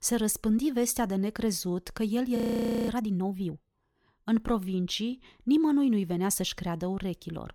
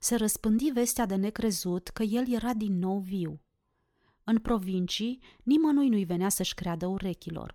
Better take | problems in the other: second | audio freezing; at 2.5 s for 0.5 s

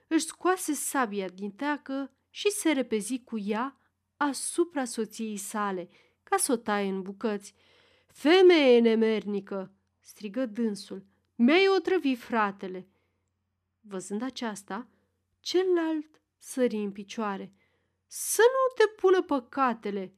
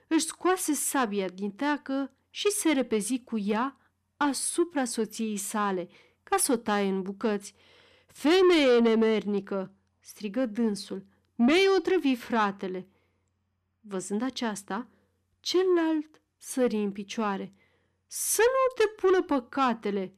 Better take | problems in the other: first | distortion; slight; 10 dB below the speech

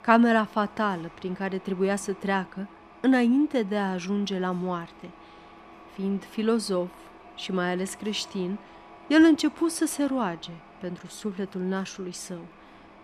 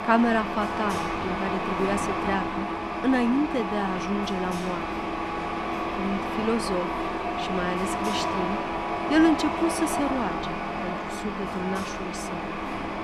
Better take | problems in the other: first | machinery noise; loud; throughout; 1 dB below the speech; faint in the first

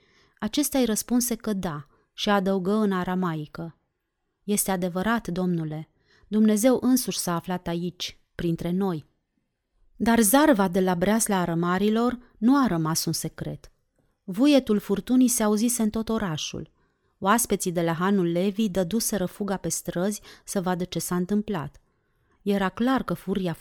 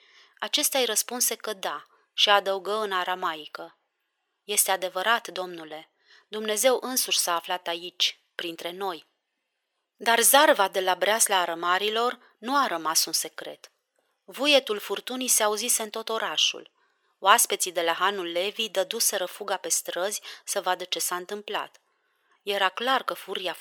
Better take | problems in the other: first | thin; very; fading below 500 Hz

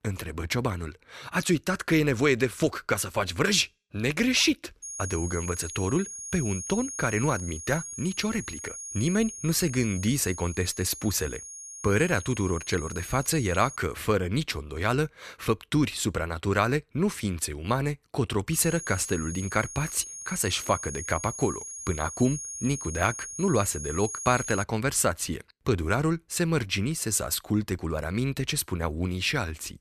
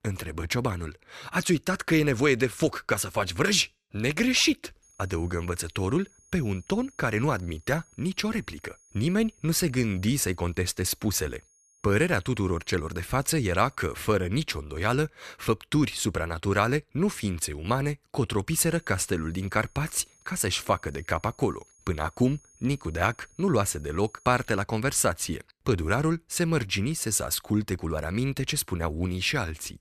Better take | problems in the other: second | high-pitched whine; loud; from 5 to 14 s and from 19 to 25 s; 6.5 kHz, 9 dB below the speech; faint in the second

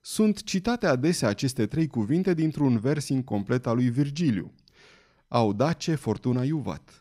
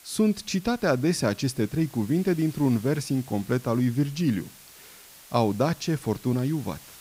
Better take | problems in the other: first | hiss; faint; throughout; 20 dB below the speech

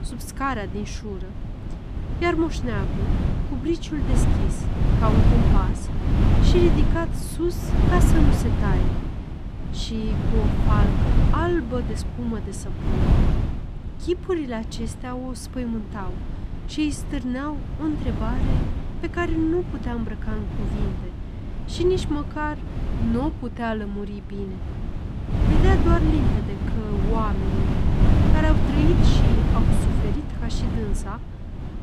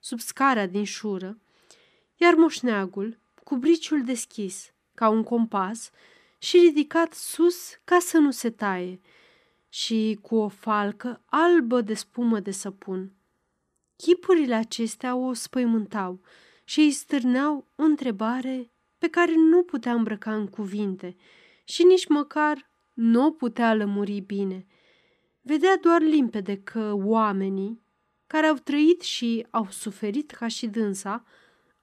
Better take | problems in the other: second | wind noise on the microphone; heavy; 3 dB below the speech

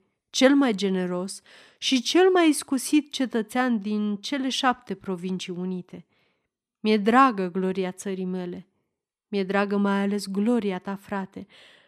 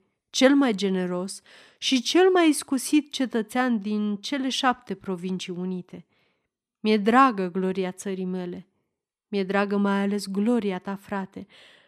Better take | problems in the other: neither | none

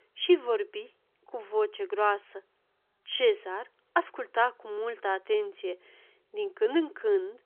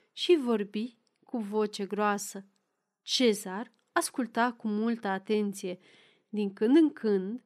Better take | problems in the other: second | phone-call audio; nothing above 3.5 kHz

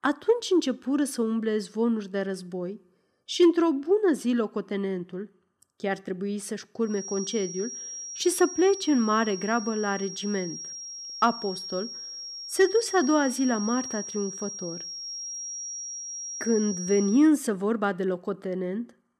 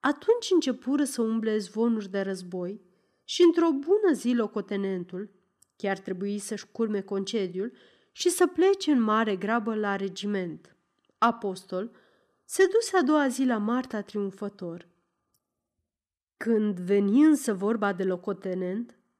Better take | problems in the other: second | high-pitched whine; loud; from 7 to 17 s; 5.5 kHz, 8 dB below the speech

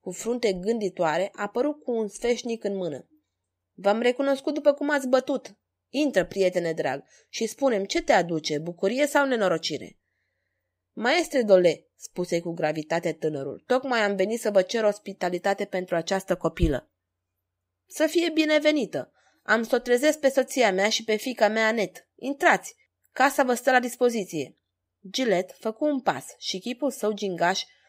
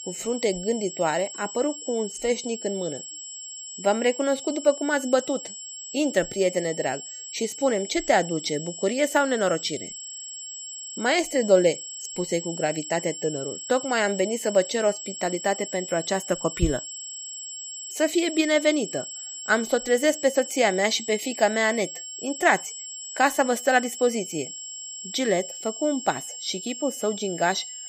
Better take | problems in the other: first | high-pitched whine; loud; throughout; 7.5 kHz, 9 dB below the speech

